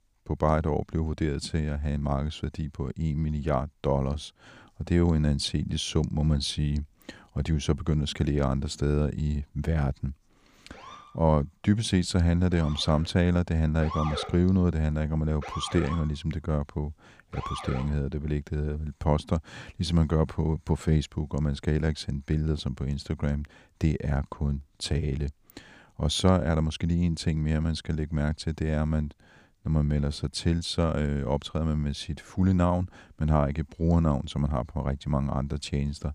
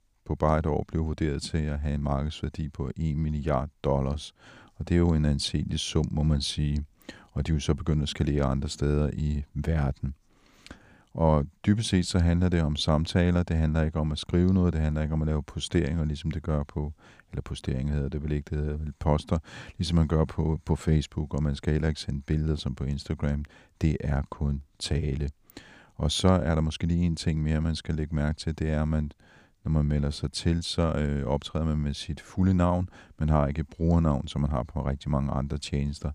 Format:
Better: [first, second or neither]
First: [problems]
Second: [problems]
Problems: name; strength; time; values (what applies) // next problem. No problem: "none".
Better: second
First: siren; noticeable; from 11 to 18 s; peak 6 dB below the speech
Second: none